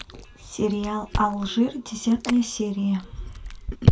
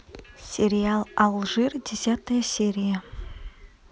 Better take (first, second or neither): second